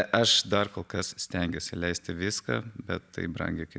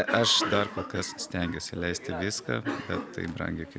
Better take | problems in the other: first | background sound (Cough); 6 dB below the speech

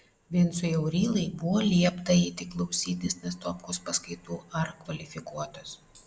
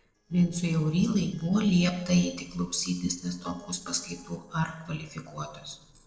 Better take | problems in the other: first | noise reduction (neural separator model SepFormer DNS4)

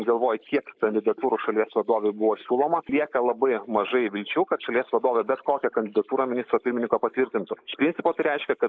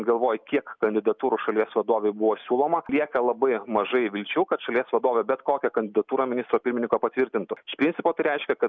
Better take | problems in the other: second | noise reduction (neural mask model Resemble Enhance denoiser)

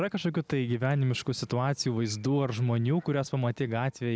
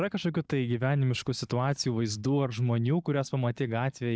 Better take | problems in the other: first | noise reduction (neural mask model DeepFilterNet 3)

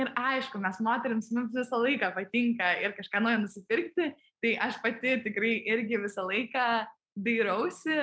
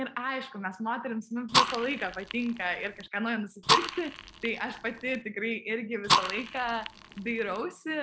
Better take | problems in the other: first | background sound (Fire); 2 dB above the speech

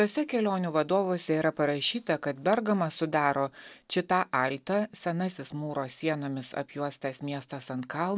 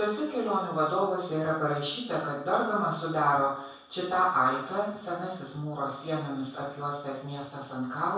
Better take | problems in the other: first | room echo; dies away in 0.7 s

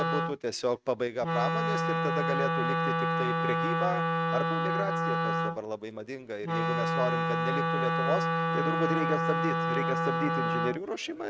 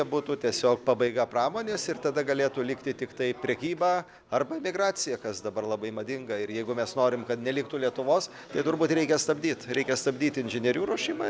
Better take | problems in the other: second | noise reduction (neural mask model RNNoise)

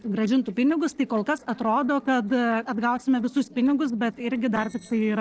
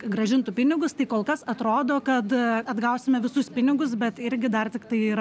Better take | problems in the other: second | noise reduction (neural separator model SepFormer DNS4)

